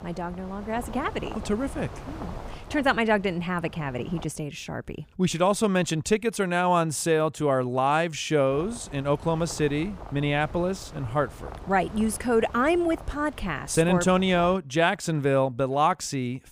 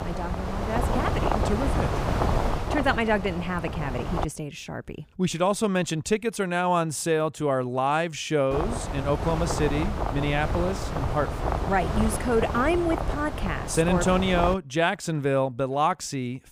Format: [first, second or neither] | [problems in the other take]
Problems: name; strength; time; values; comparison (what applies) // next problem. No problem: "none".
first | wind noise on the microphone; heavy; until 4.5 s and from 8.5 to 15 s; 4 dB below the speech; occasional gusts in the first